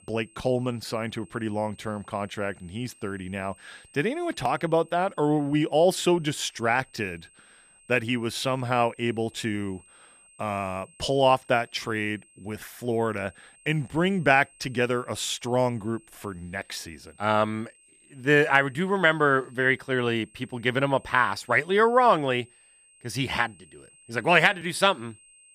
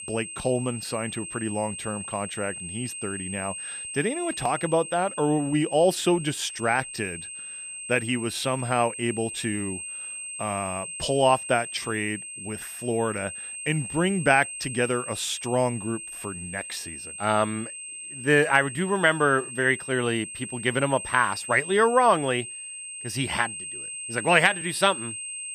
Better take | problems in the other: first | high-pitched whine; loud; throughout; 8.5 kHz, 9 dB below the speech; faint in the first

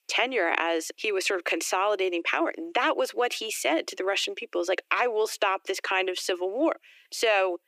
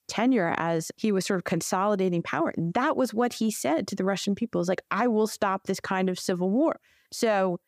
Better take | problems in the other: second | thin; very; fading below 300 Hz

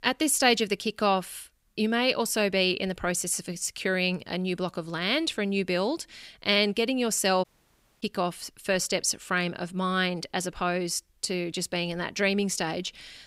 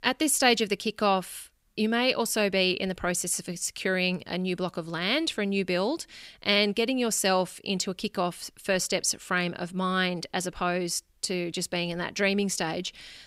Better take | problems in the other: second | audio cutting out; at 7.5 s for 0.5 s

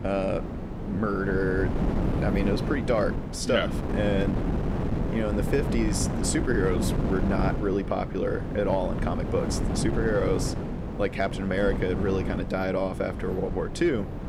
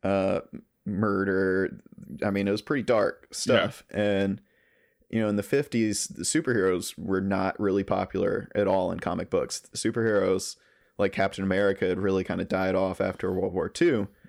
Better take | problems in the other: second | wind noise on the microphone; heavy; 6 dB below the speech

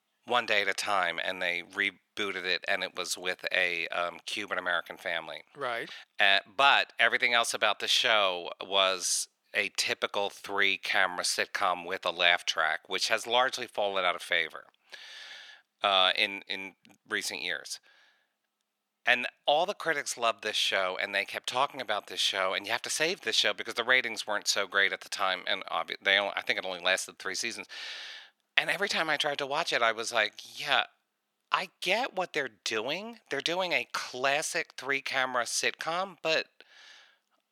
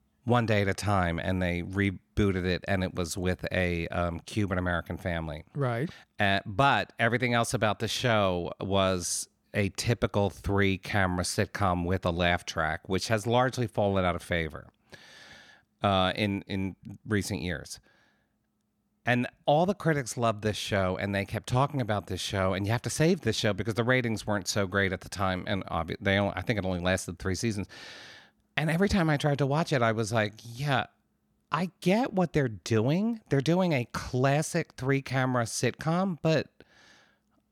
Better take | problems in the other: second | thin; very; fading below 600 Hz

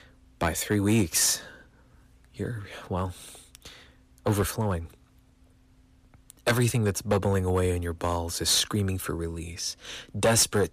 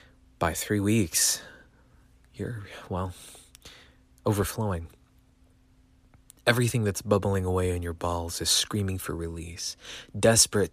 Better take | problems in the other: second | distortion; slight; 2% of the sound clipped

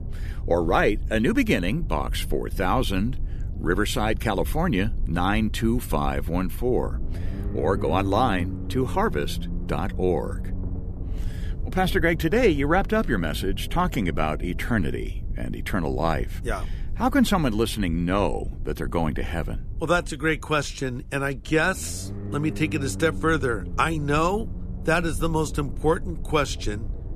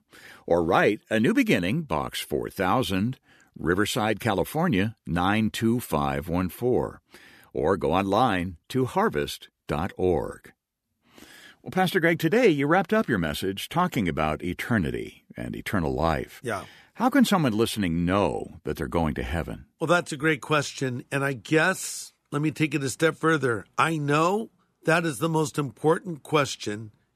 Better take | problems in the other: second | low rumble; noticeable; throughout; 20 dB below the speech

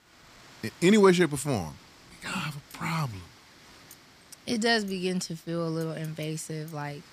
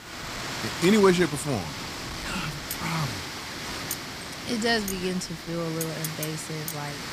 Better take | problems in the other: first | wind noise on the microphone; heavy; 4 dB below the speech; occasional gusts in the first

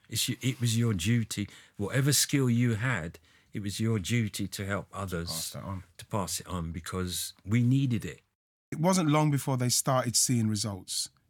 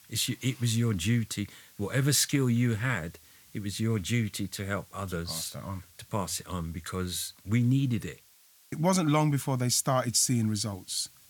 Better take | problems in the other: first | hiss; faint; throughout; 25 dB below the speech

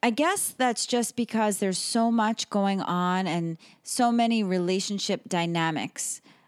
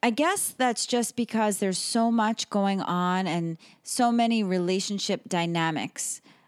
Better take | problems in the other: neither | none

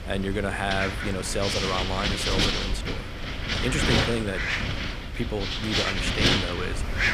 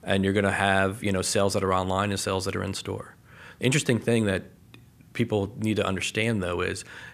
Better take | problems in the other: second | wind noise on the microphone; heavy; 4 dB above the speech

